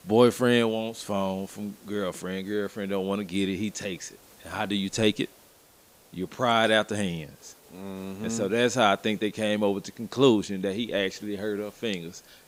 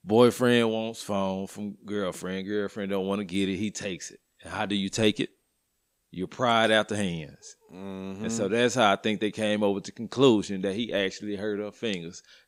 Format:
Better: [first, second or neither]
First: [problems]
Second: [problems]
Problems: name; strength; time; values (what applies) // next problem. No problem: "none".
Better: second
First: hiss; faint; throughout; 25 dB below the speech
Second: none